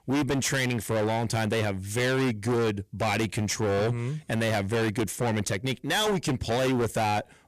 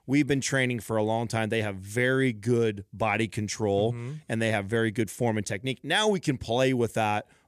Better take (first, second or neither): second